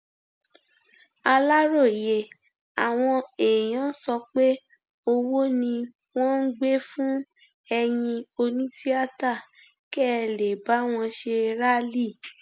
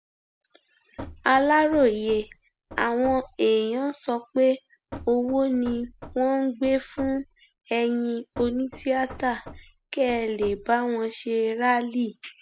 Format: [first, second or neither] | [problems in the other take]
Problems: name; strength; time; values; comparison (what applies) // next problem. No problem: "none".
first | background sound (Knock / Wood); 18 dB below the speech